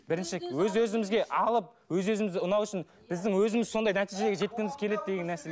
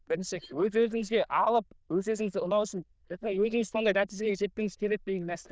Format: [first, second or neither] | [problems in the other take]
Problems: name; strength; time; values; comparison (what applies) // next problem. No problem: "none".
first | noise reduction (neural diffusion model UNIVERSE++)